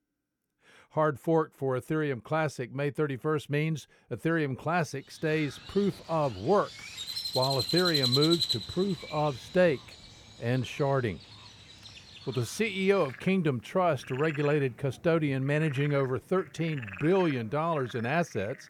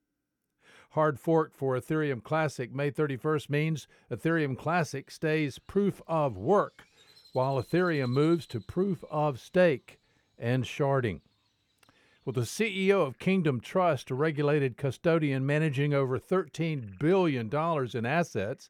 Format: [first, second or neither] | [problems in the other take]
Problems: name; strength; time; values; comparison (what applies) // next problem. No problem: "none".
second | animal sounds; loud; from 5 s on; 5 dB below the speech; faint in the second